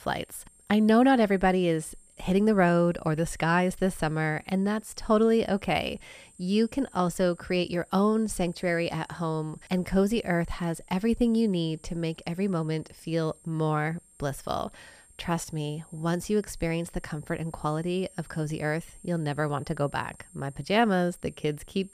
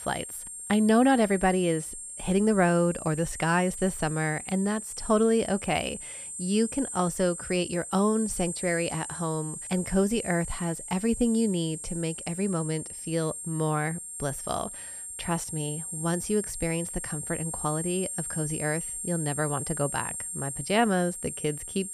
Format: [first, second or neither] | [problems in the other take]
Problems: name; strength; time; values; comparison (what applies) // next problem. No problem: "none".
first | high-pitched whine; loud; throughout; 8.5 kHz, 7 dB below the speech; faint in the first